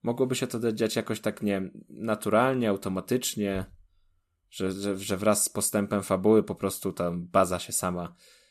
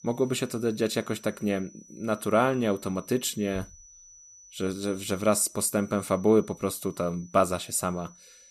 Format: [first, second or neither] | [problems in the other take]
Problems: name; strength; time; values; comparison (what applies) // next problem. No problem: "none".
first | high-pitched whine; faint; throughout; 6 kHz, 25 dB below the speech